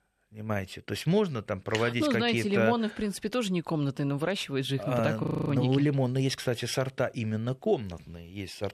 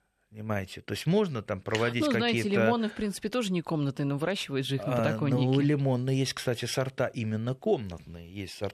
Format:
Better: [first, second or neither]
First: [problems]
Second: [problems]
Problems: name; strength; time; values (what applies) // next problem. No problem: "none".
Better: second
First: audio freezing; at 5 s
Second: none